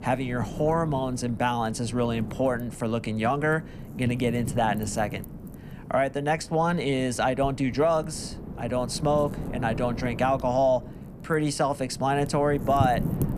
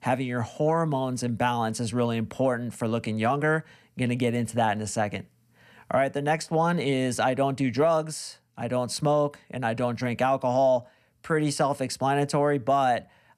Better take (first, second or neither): second